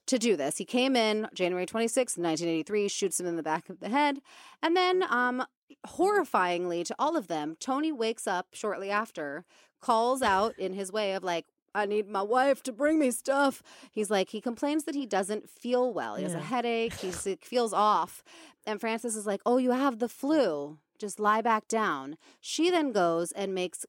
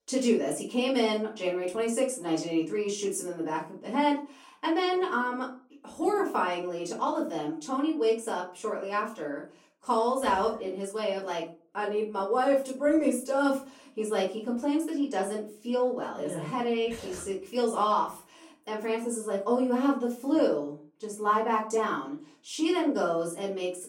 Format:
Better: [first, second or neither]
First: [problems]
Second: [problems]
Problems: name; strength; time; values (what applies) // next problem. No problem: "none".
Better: first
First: none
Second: off-mic speech; far // room echo; slight; dies away in 0.3 s